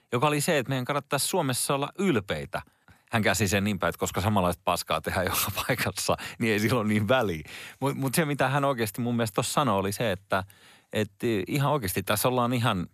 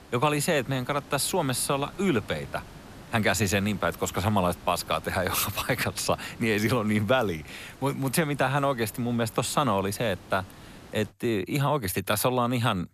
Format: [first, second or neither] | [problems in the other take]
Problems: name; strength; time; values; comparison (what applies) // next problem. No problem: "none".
first | hiss; faint; until 11 s; 20 dB below the speech